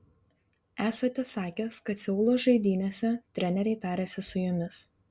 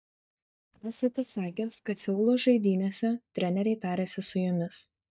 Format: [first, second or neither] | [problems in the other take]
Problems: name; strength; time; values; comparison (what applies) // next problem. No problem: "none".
first | noise reduction (neural mask model DeepFilterNet 3)